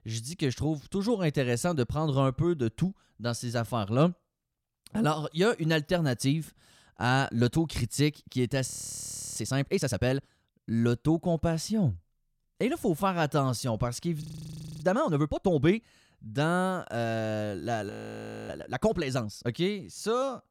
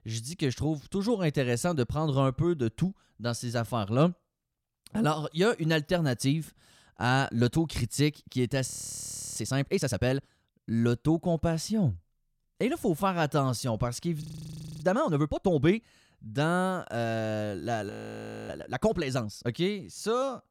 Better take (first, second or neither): neither